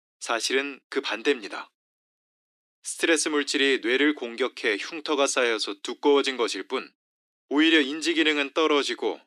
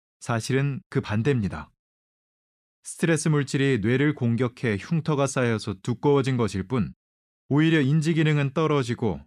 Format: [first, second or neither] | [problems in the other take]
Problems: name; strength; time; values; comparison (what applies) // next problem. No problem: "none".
second | thin; somewhat; fading below 300 Hz